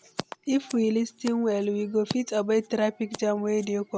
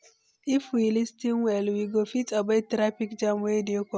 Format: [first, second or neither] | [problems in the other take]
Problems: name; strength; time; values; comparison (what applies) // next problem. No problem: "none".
second | background sound (Scissors); 16 dB below the speech